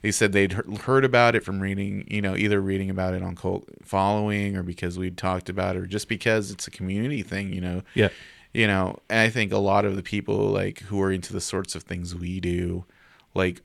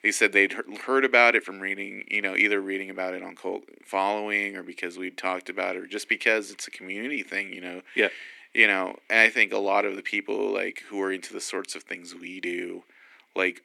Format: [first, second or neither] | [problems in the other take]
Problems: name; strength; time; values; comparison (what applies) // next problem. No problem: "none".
first | thin; somewhat; fading below 250 Hz